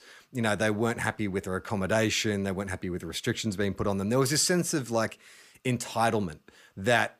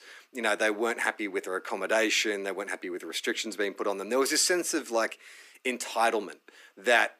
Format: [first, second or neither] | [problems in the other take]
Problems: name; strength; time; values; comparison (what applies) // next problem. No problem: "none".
first | thin; somewhat; fading below 250 Hz